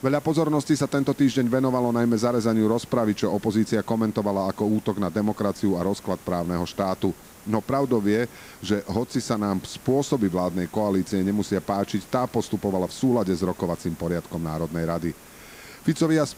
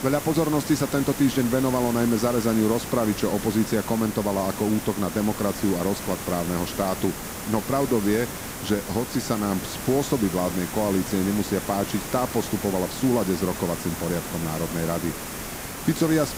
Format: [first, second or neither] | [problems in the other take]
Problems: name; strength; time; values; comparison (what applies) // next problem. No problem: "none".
first | hiss; loud; throughout; 7 dB below the speech; faint in the first